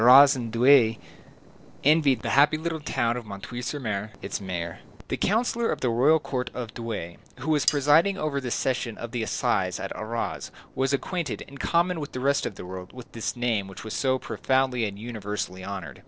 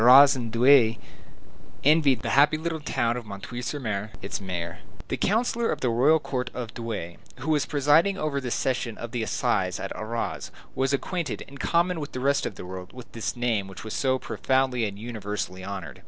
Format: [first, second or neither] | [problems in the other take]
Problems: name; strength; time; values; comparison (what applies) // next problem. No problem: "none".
second | noise reduction (neural separator model SepFormer DNS4)